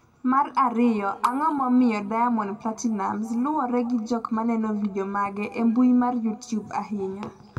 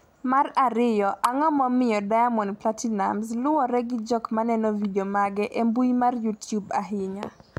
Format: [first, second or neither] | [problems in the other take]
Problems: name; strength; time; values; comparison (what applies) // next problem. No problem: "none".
second | room echo; dies away in 1.5 s